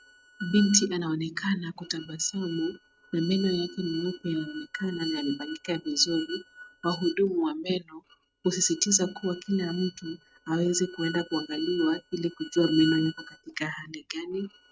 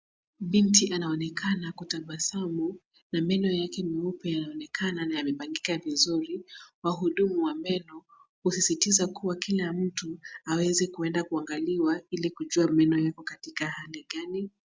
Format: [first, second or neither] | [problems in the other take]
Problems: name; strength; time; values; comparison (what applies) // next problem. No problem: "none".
second | noise reduction (neural mask model RNNoise)